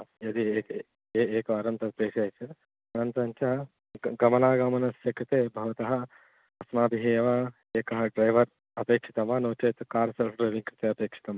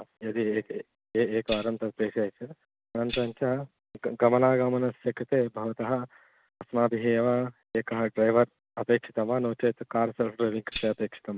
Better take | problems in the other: first | background sound (Tambourine); 12 dB below the speech

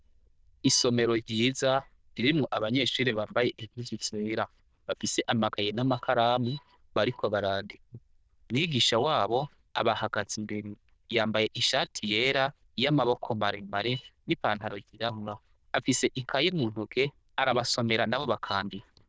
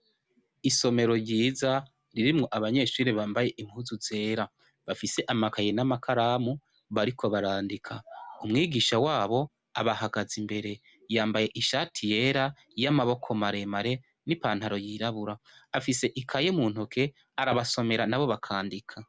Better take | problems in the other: second | noise reduction (neural diffusion model UNIVERSE++)

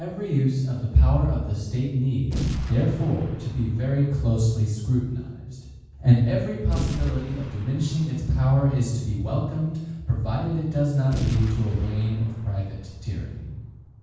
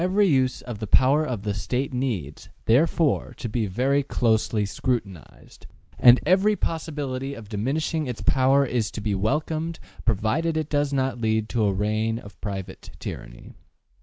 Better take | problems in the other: second | background sound (Boom); 11 dB below the speech // room echo; dies away in 1.2 s

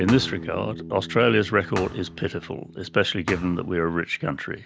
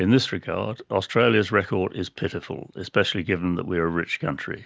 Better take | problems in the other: second | background sound (Bass guitar + Thump, thud); 13 dB below the speech

